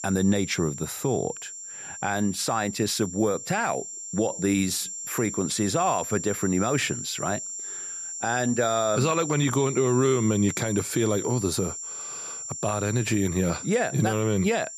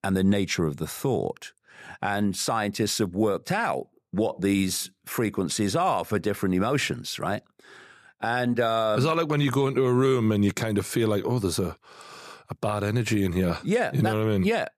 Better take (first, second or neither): second